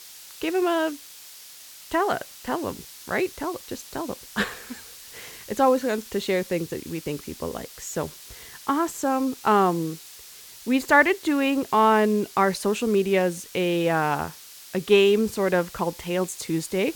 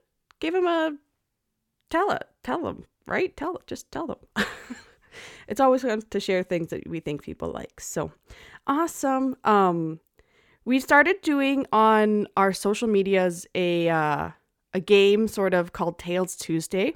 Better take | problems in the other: second | hiss; noticeable; throughout; 15 dB below the speech

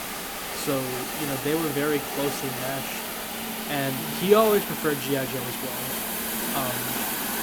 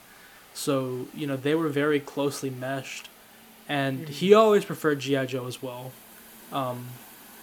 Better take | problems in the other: second | hiss; loud; throughout; 2 dB below the speech; faint in the second

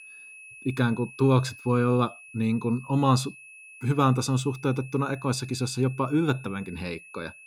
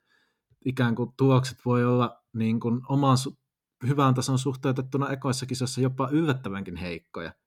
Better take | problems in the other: second | high-pitched whine; noticeable; throughout; 2.5 kHz, 20 dB below the speech

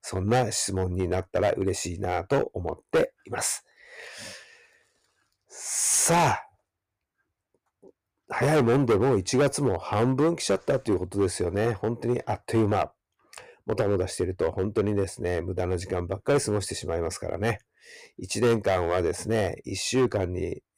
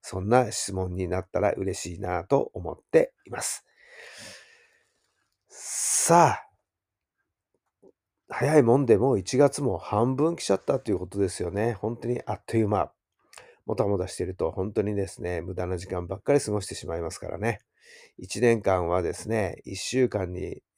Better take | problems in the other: second | distortion; heavy; 5% of the sound clipped

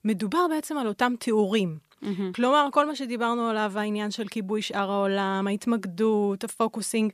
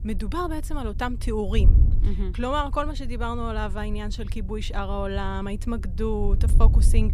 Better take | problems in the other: first | wind noise on the microphone; occasional gusts; 15 dB below the speech

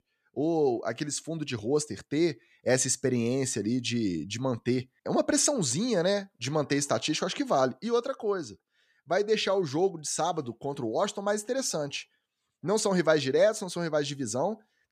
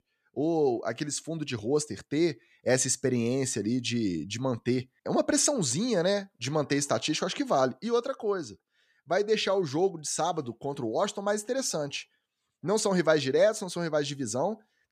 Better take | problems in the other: neither | none

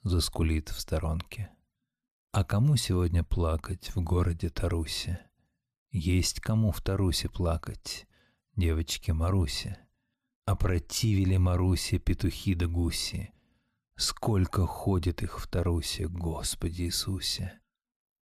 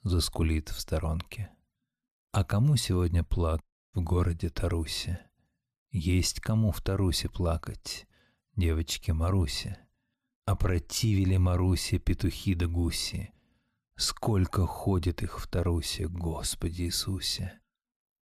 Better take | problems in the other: first | audio cutting out; at 3.5 s

